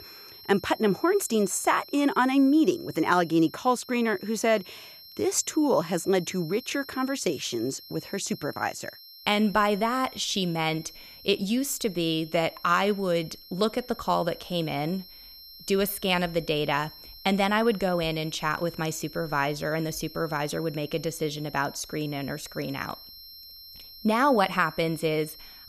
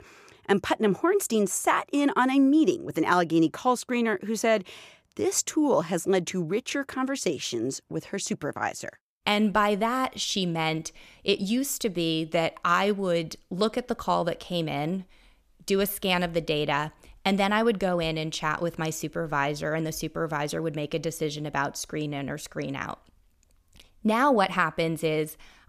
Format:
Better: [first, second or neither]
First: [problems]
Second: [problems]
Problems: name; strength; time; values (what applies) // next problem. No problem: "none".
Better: second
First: high-pitched whine; noticeable; throughout; 5.5 kHz, 20 dB below the speech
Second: none